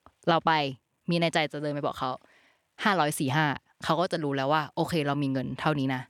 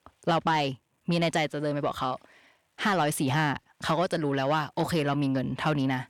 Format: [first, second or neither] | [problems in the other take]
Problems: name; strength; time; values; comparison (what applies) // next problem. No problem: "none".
first | distortion; slight; 10 dB below the speech